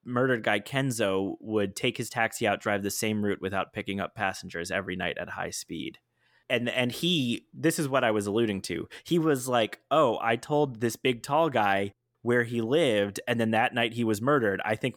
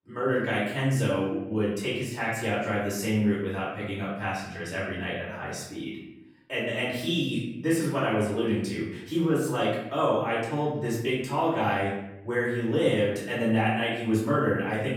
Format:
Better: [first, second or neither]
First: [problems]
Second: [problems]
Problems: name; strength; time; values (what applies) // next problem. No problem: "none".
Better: first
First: none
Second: room echo; noticeable; dies away in 0.8 s // off-mic speech; far